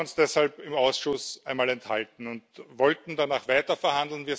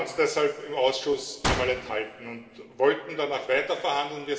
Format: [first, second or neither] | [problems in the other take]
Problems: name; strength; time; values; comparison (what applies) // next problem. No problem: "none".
first | background sound (Gunshot, gunfire); 8 dB below the speech // room echo; dies away in 2.5 s